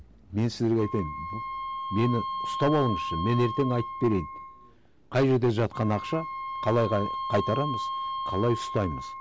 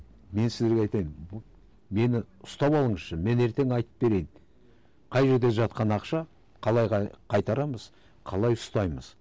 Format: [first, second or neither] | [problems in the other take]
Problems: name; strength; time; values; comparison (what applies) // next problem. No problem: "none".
second | background sound (Wind instrument, woodwind instrument); 7 dB below the speech